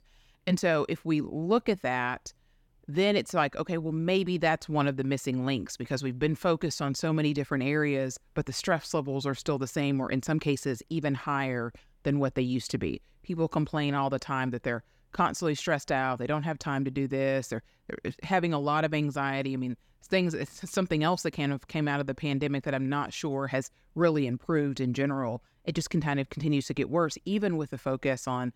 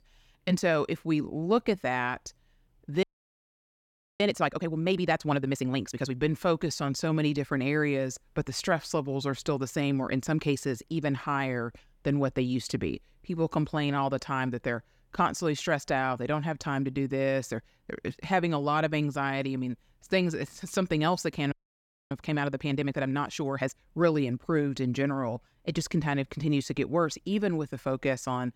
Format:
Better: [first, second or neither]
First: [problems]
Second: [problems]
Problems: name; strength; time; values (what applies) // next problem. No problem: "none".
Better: first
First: none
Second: audio freezing; at 3 s for 1 s and at 22 s for 0.5 s